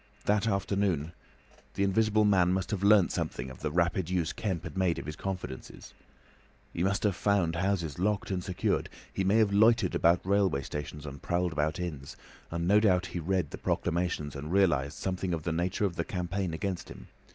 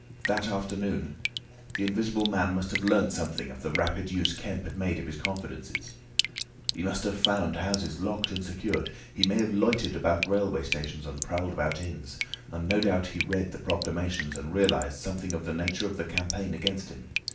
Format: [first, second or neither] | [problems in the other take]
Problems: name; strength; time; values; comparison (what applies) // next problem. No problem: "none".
first | background sound (Drip); 7 dB below the speech // room echo; dies away in 0.4 s